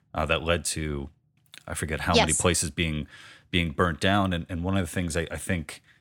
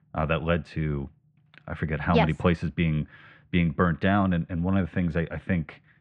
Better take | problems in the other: first | muffled; very; fading above 2.5 kHz

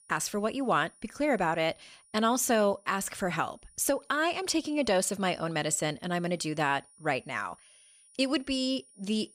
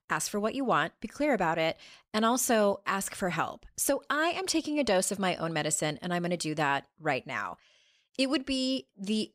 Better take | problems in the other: second | high-pitched whine; faint; throughout; 9.5 kHz, 30 dB below the speech

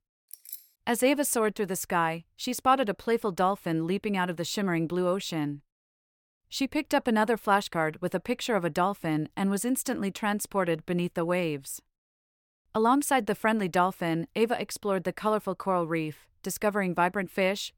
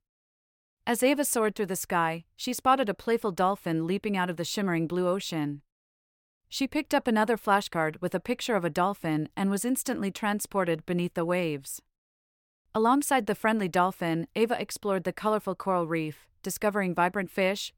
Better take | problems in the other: second | jangling keys; faint; at 0.5 s; peak 15 dB below the speech

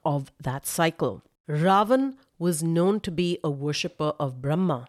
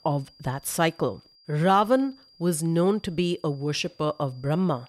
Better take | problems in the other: first | high-pitched whine; faint; throughout; 5 kHz, 30 dB below the speech

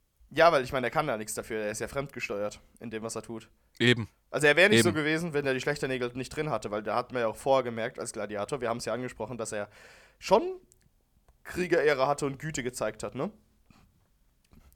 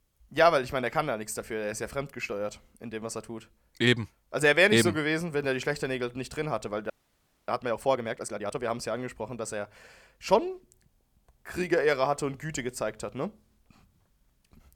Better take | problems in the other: first | audio freezing; at 7 s for 0.5 s

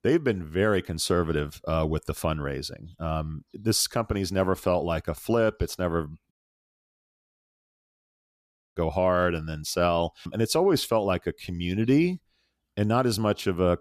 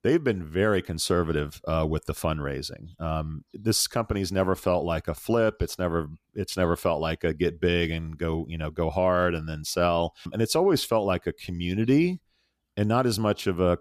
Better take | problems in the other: second | audio cutting out; at 6.5 s for 2.5 s

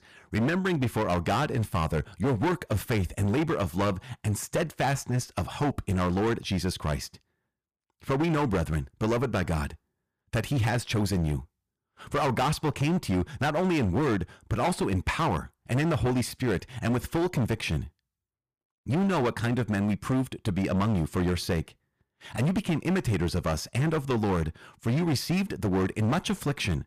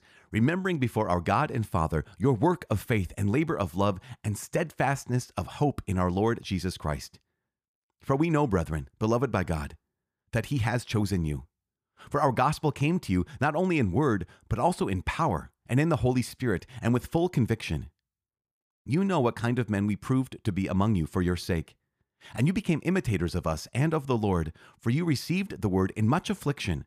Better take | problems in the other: second | distortion; heavy; 16% of the sound clipped

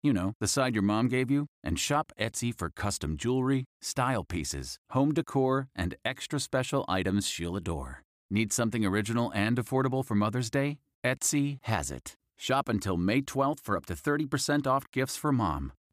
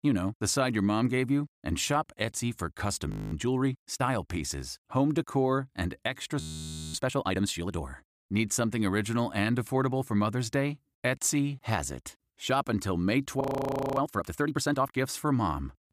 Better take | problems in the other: first | audio freezing; at 3 s, at 6.5 s for 0.5 s and at 13 s for 0.5 s

